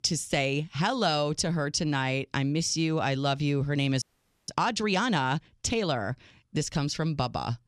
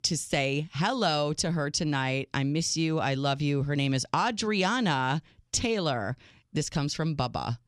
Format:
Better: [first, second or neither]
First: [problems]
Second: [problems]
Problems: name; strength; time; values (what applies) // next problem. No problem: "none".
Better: second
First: audio freezing; at 4 s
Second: none